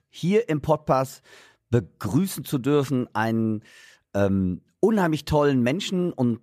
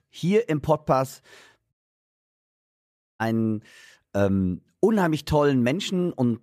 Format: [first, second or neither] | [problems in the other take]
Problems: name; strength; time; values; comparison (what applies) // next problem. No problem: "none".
first | audio cutting out; at 1.5 s for 1.5 s